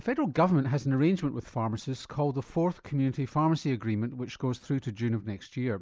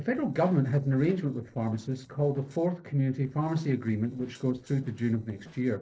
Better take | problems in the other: first | noise reduction (neural separator model SepFormer DNS4)

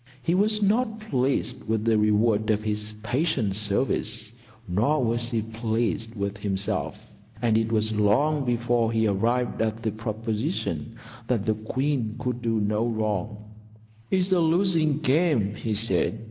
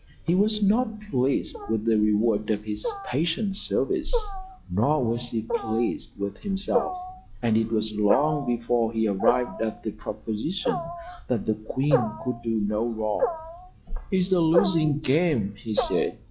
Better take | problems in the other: first | noise reduction (classical method log-MMSE)

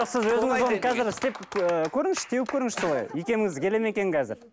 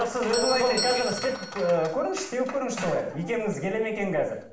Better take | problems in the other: first | background sound (Doorbell); 11 dB below the speech // room echo; dies away in 0.6 s

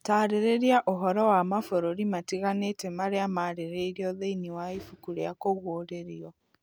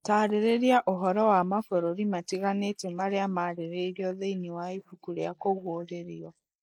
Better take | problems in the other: first | noise reduction (neural mask model Resemble Enhance denoiser)

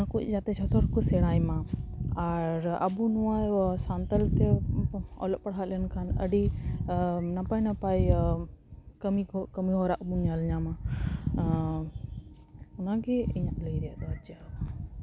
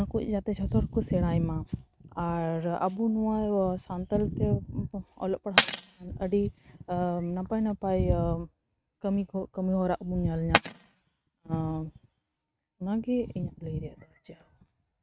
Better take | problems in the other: first | noise reduction (neural mask model RNNoise)

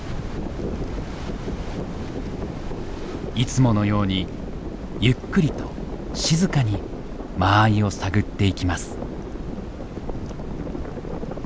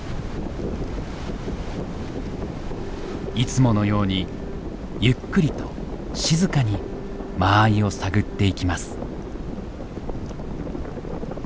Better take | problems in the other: first | background sound (Bowed string instrument); 16 dB below the speech

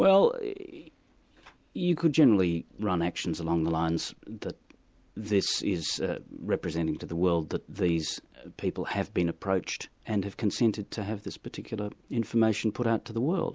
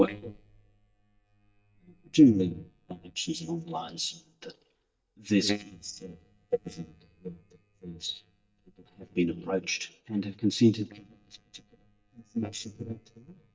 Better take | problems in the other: first | noise reduction (neural mask model DeepFilterNet 3)

